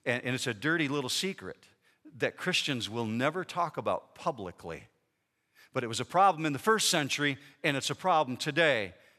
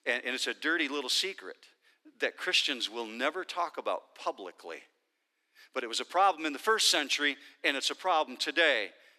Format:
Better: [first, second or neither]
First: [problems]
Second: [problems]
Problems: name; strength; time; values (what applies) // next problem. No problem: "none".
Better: first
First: none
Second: thin; very slightly; fading below 300 Hz